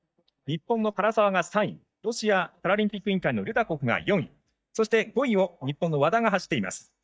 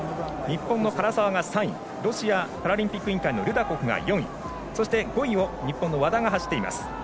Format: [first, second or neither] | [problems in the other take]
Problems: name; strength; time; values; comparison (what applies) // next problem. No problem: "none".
second | noise reduction (neural mask model DeepFilterNet 3)